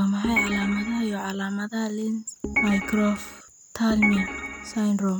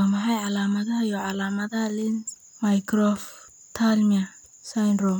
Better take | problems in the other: second | background sound (Organ); 4 dB below the speech

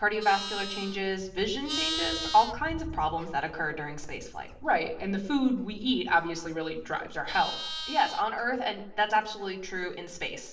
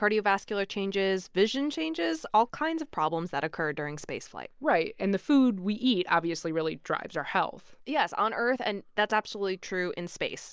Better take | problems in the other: second | background sound (Livestock, farm animals, working animals); 11 dB below the speech // room echo; dies away in 0.6 s

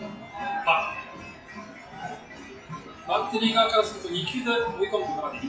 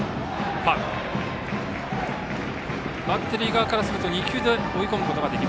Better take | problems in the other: second | noise reduction (classical method WPE with log-MMSE)

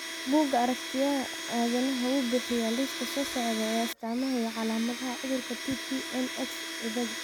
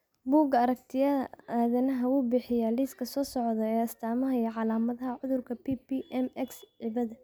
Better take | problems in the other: second | background sound (Domestic sounds, home sounds); 6 dB below the speech

